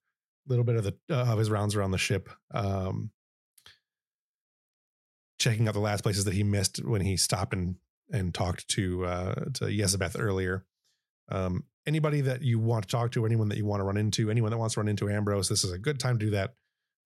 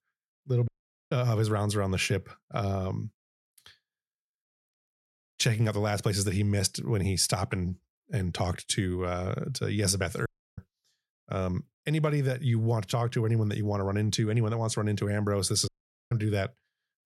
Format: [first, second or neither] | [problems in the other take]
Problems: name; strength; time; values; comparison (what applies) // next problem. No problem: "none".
first | audio cutting out; at 0.5 s, at 10 s and at 16 s